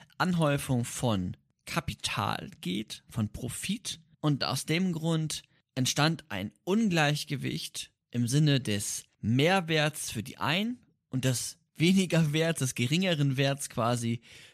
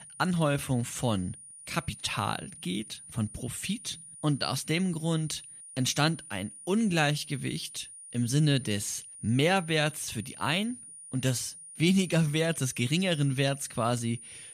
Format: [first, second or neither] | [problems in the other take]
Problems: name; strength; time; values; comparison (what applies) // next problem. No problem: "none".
first | high-pitched whine; noticeable; throughout; 9.5 kHz, 15 dB below the speech